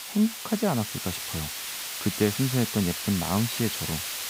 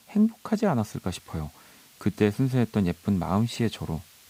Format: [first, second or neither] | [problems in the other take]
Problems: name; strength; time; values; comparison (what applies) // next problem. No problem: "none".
second | hiss; loud; throughout; 3 dB below the speech; faint in the second